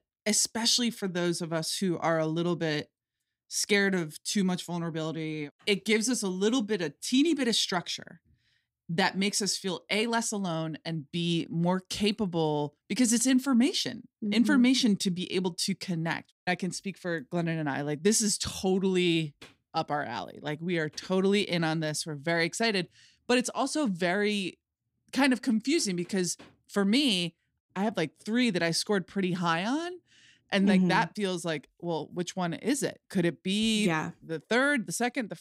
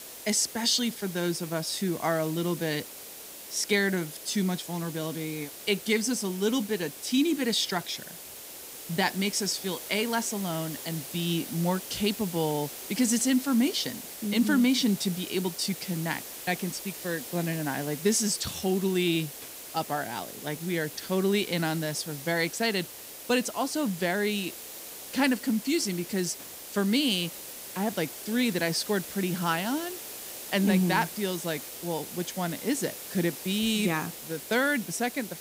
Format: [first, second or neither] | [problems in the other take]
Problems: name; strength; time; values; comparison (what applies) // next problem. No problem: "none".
first | hiss; noticeable; throughout; 10 dB below the speech